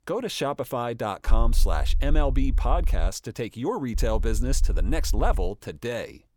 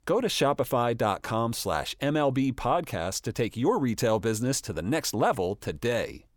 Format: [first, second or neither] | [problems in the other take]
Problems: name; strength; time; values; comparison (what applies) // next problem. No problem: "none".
second | low rumble; faint; from 1.5 to 3 s and from 4 to 5.5 s; 20 dB below the speech